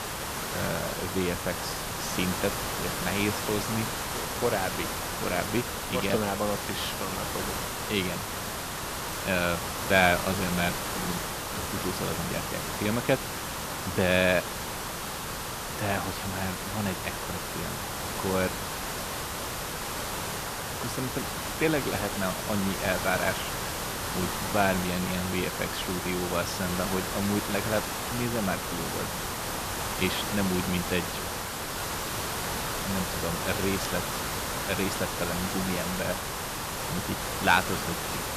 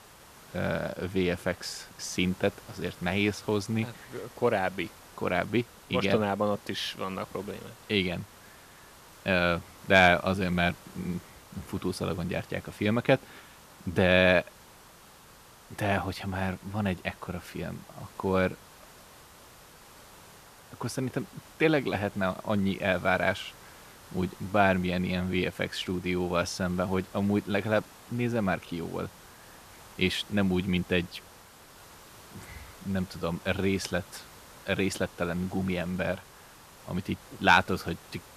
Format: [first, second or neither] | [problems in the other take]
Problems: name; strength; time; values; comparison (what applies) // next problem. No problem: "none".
second | hiss; loud; throughout; 1 dB below the speech; faint in the second